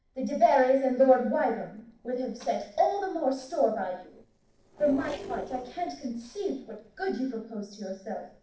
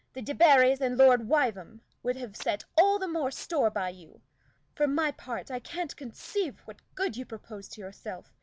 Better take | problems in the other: second | noise reduction (neural separator model SepFormer DNS4)

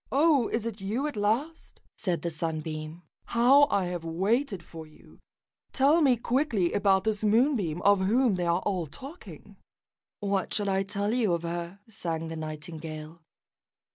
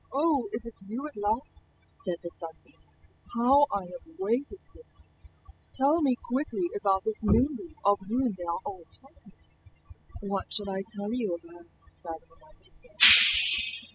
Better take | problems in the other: first | noise reduction (classical method spectral subtraction)

